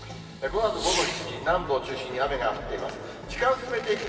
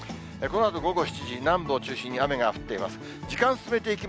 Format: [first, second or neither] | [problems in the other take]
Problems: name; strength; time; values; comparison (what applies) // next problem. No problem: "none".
second | background sound (Fireworks); 10 dB below the speech // room echo; dies away in 2.6 s